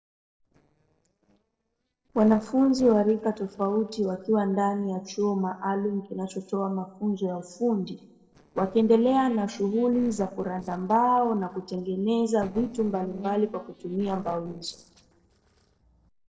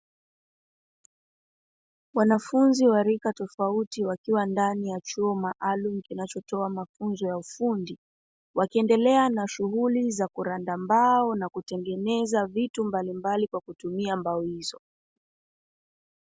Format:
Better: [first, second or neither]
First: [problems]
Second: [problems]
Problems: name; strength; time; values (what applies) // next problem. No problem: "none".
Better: second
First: noise reduction (neural separator model SepFormer DNS4)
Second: none